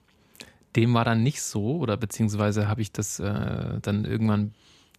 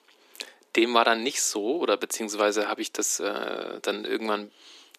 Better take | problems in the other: first | thin; very; fading below 300 Hz

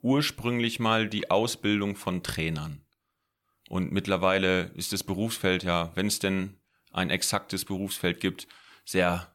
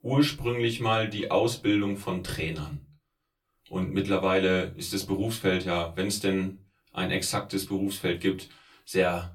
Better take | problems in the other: first | off-mic speech; far // room echo; very slight; dies away in 0.2 s

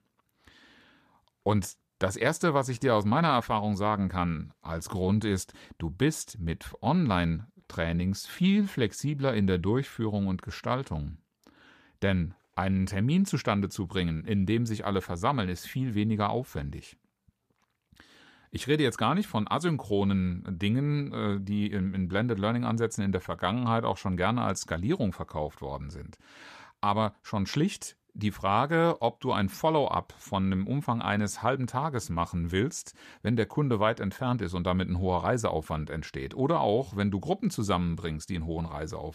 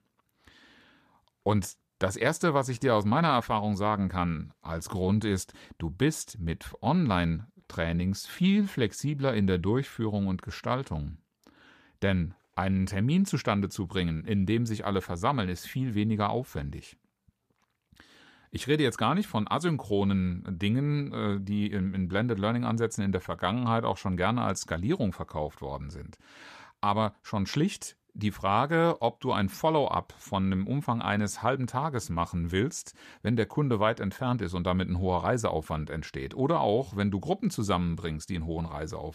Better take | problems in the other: neither | none

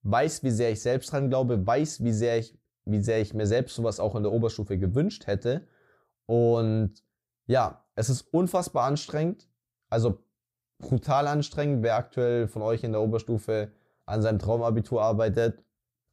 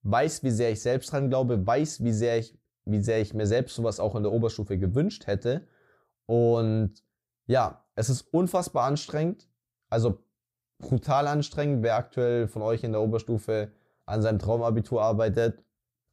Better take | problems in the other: neither | none

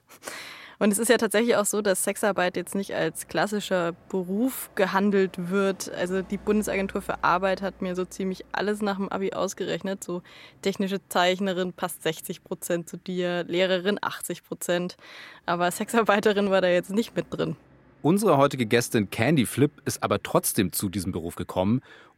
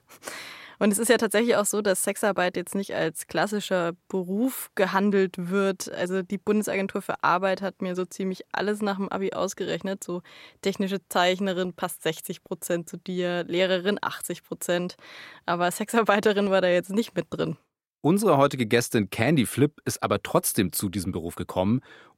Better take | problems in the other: second | traffic noise; faint; throughout; 30 dB below the speech

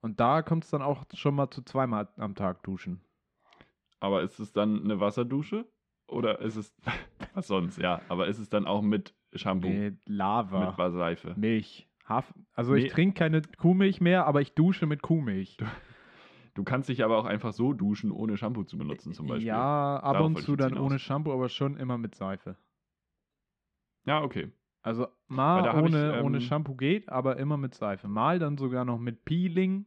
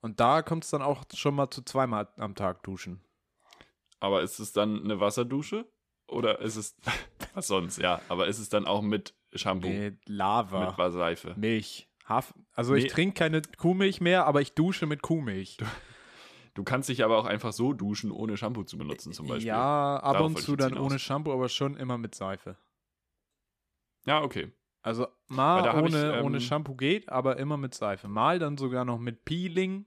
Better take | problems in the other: second | muffled; slightly; fading above 3 kHz

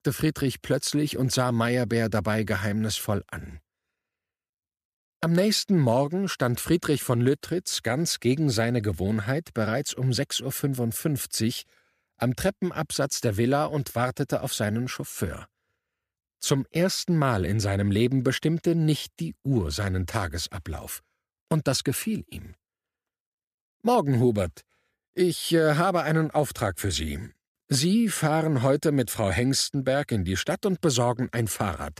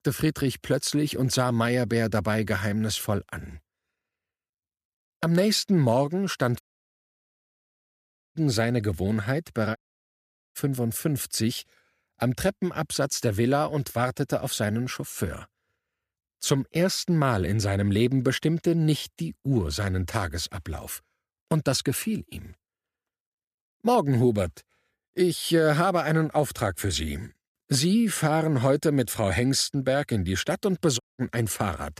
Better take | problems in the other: first | audio cutting out; at 6.5 s for 2 s, at 10 s for 1 s and at 31 s

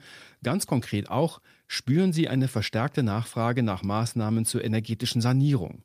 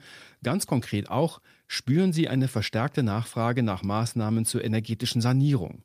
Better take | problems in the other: neither | none

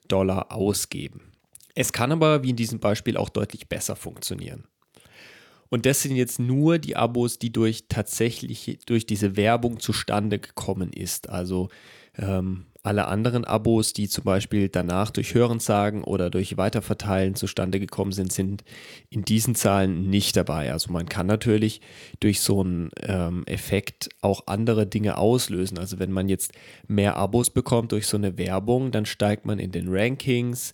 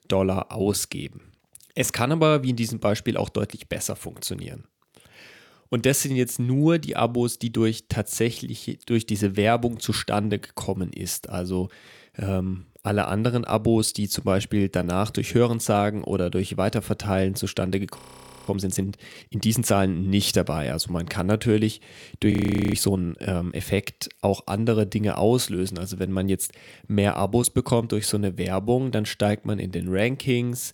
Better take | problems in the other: first | audio freezing; at 18 s for 0.5 s and at 22 s

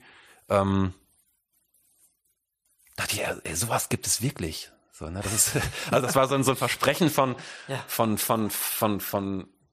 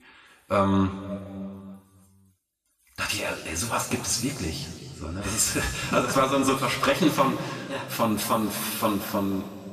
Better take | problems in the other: first | room echo; noticeable; dies away in 2.3 s // off-mic speech; somewhat distant

